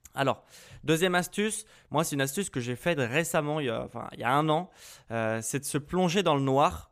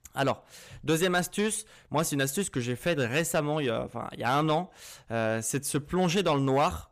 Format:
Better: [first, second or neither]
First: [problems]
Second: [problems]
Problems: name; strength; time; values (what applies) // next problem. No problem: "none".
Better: first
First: none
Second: distortion; slight; 10 dB below the speech